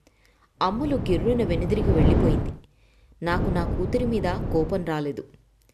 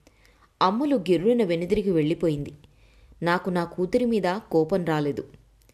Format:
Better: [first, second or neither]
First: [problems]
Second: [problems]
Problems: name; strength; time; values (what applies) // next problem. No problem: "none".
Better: second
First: wind noise on the microphone; faint; from 0.5 to 2.5 s and from 3.5 to 5 s; 6 dB below the speech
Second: none